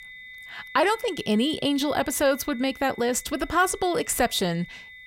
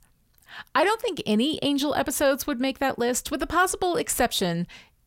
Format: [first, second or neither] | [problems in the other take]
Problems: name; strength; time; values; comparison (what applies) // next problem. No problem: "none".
second | high-pitched whine; noticeable; throughout; 2 kHz, 20 dB below the speech